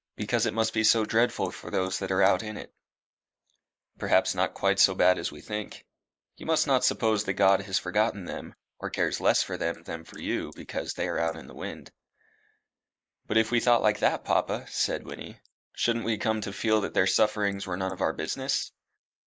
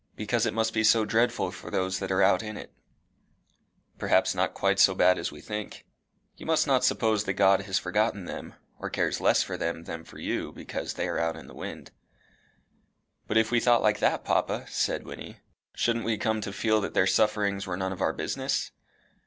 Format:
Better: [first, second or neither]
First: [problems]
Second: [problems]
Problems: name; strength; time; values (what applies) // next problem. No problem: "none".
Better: second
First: noise reduction (neural mask model Resemble Enhance denoiser)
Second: none